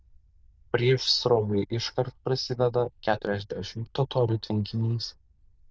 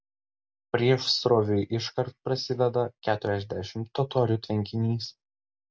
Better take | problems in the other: second | noise reduction (neural diffusion model UNIVERSE++)

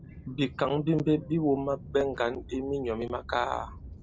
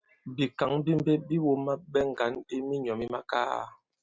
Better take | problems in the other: second | background sound (Aircraft); 16 dB below the speech

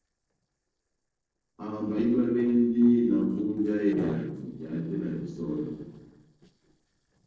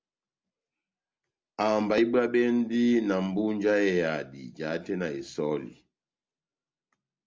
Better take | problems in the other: second | noise reduction (neural separator model SepFormer DNS4)

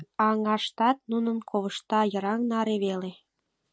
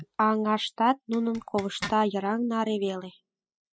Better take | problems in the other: first | noise reduction (classical method spectral subtraction)

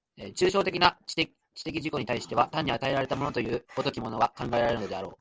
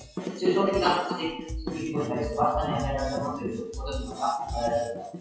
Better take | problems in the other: first | noise reduction (classical method WPE with log-MMSE)

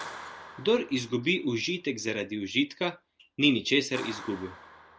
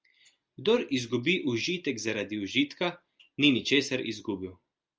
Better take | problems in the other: second | background sound (Clapping); 17 dB below the speech

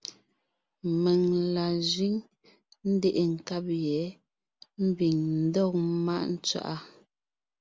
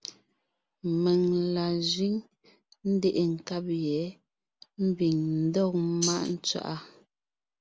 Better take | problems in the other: first | background sound (Tambourine); 3 dB below the speech

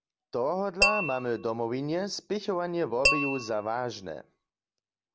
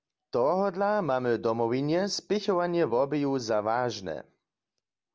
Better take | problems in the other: second | background sound (Tap / Glass); as loud as the speech

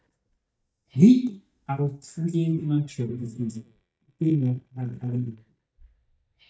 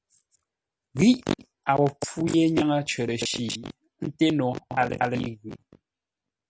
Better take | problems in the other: second | noise reduction (neural mask model DeepFilterNet 3)

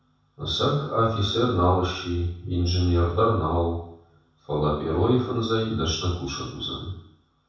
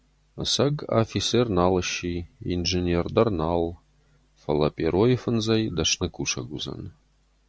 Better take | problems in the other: second | room echo; dies away in 0.7 s

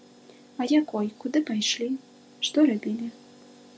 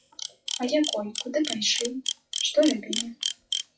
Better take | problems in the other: first | noise reduction (classical method WPE with log-MMSE)

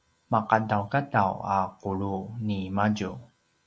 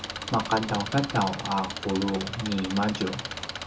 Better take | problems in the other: first | background sound (Engine); 7 dB below the speech // room echo; dies away in 0.2 s

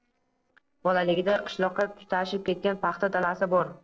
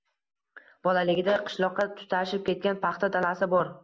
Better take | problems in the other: second | noise reduction (neural separator model SepFormer DNS4)

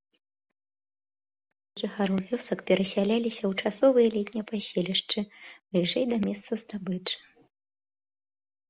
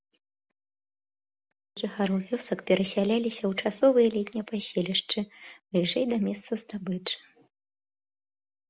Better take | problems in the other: second | background sound (Fireworks); 20 dB below the speech

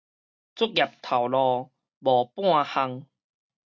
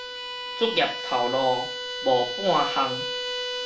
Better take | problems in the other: first | background sound (Bowed string instrument); 5 dB below the speech // room echo; dies away in 0.4 s

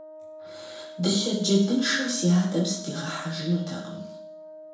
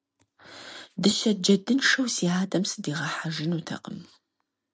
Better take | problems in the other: second | background sound (Wind instrument, woodwind instrument); 15 dB below the speech // room echo; dies away in 0.7 s

